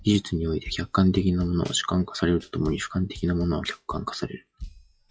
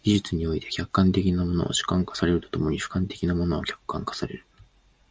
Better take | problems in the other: second | noise reduction (classical method log-MMSE)

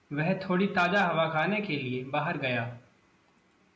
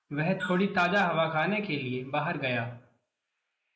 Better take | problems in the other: first | noise reduction (neural mask model Resemble Enhance denoiser)

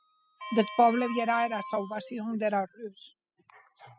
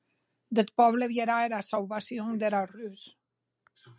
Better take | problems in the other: second | noise reduction (classical method spectral subtraction)

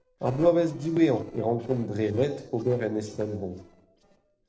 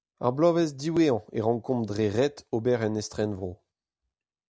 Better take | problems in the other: second | noise reduction (neural separator model SepFormer DNS4)

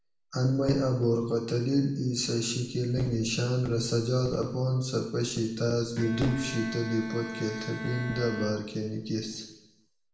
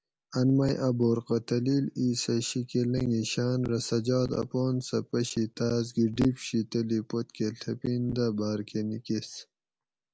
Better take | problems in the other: second | background sound (Bowed string instrument); 12 dB below the speech // room echo; dies away in 0.8 s

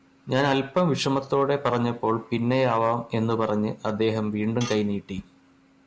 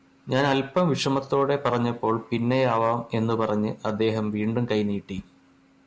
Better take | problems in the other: second | background sound (Tools); 16 dB below the speech

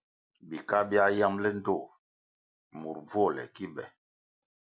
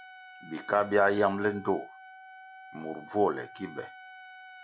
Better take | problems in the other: first | background sound (Trumpet); 18 dB below the speech

